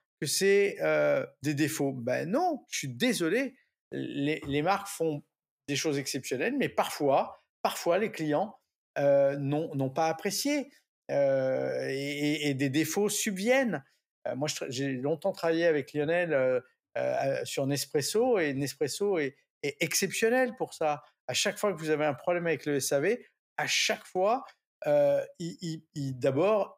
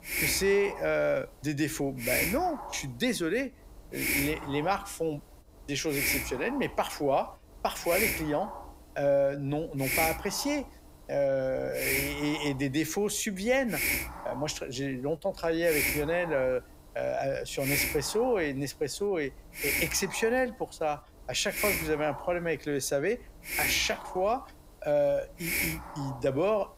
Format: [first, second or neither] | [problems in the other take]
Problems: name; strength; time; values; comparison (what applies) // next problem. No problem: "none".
first | hiss; loud; throughout; 2 dB below the speech